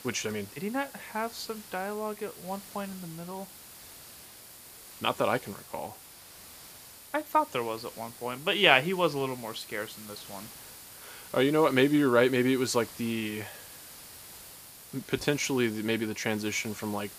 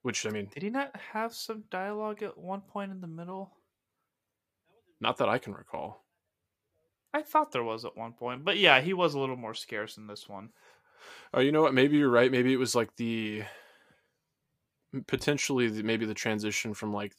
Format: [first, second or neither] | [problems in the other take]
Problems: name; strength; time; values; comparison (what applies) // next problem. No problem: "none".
second | hiss; noticeable; throughout; 15 dB below the speech